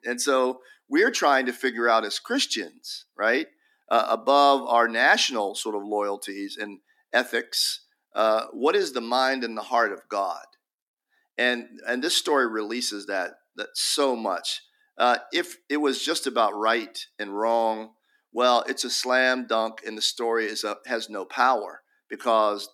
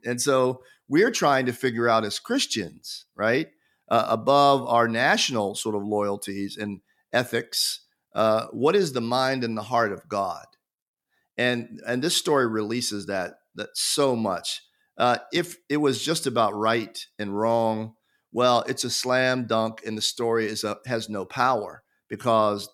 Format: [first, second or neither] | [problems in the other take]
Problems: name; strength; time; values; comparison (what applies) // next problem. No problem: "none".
second | thin; very slightly; fading below 250 Hz